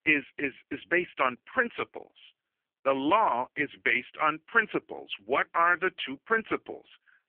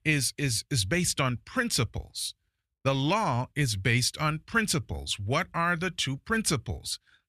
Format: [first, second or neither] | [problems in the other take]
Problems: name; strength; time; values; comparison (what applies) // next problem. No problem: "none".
second | phone-call audio; poor line